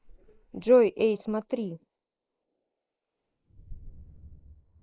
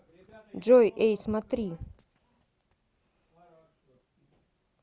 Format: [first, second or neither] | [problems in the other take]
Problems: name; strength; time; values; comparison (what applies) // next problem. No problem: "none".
second | noise reduction (neural mask model Resemble Enhance denoiser)